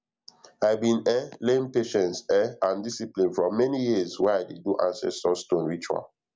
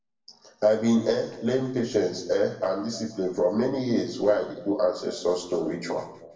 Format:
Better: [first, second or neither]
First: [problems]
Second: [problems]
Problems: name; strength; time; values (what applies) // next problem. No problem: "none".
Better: first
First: none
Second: room echo; dies away in 0.9 s